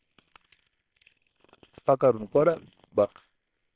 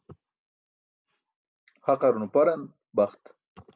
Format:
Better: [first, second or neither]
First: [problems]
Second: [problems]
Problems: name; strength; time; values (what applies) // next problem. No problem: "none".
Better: second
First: noise reduction (neural separator model SepFormer WHAM!)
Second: none